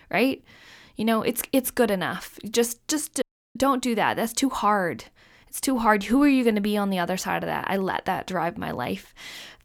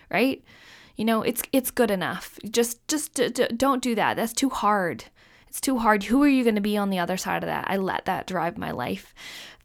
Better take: second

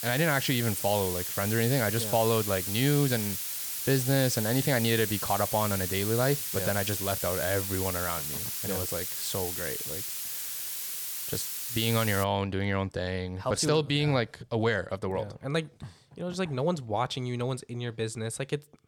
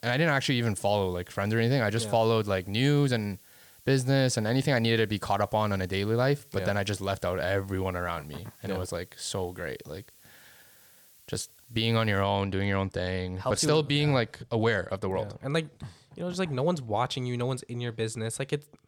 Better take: second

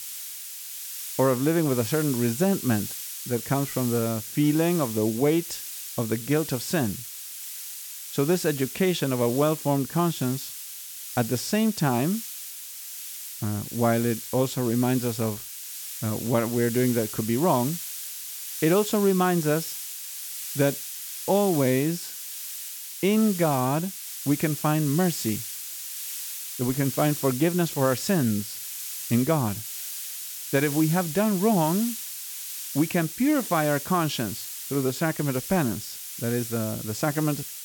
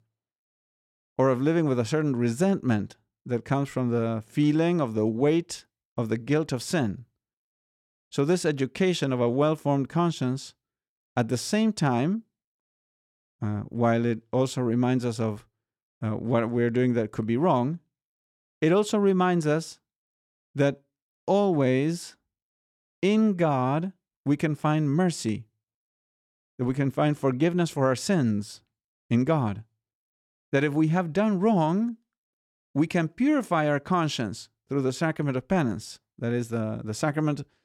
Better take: second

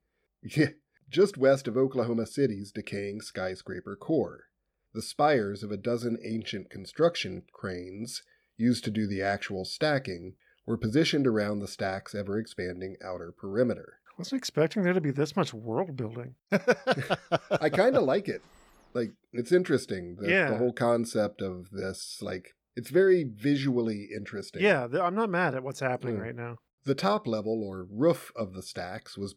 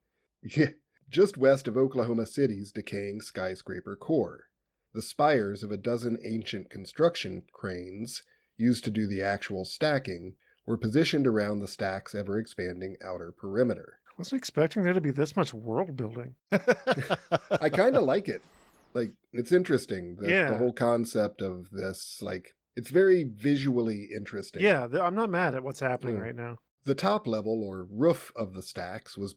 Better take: first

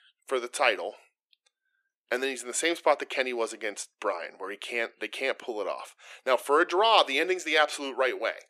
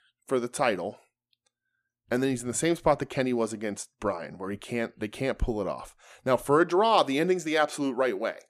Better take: second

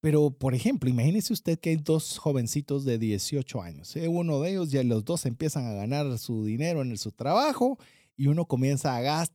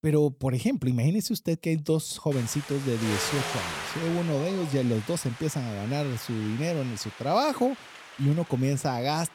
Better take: first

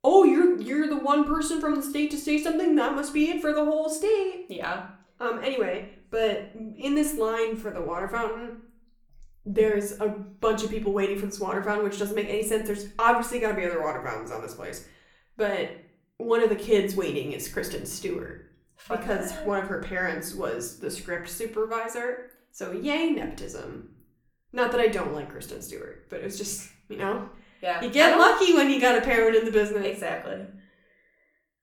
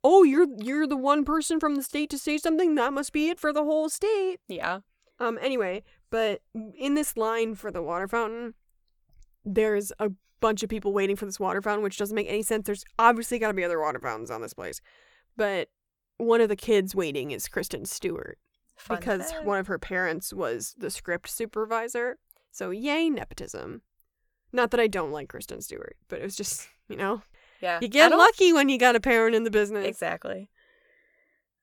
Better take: second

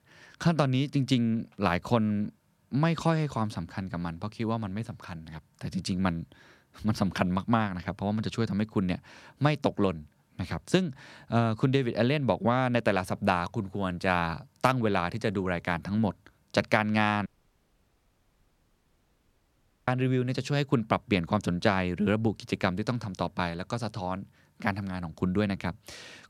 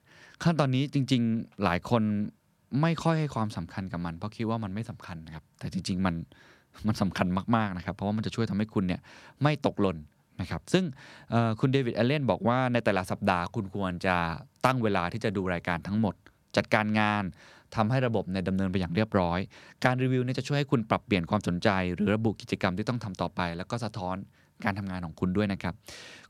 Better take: second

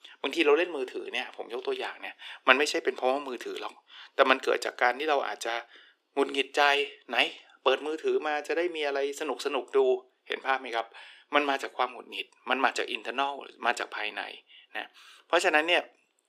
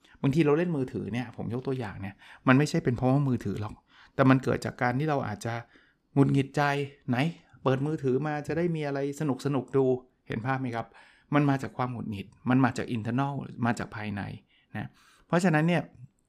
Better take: second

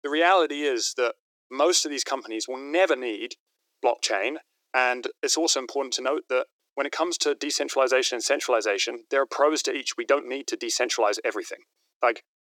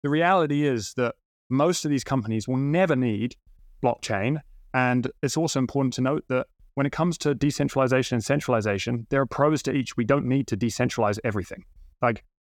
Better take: second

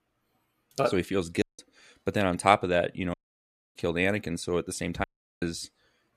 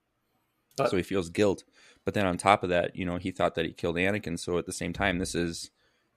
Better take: second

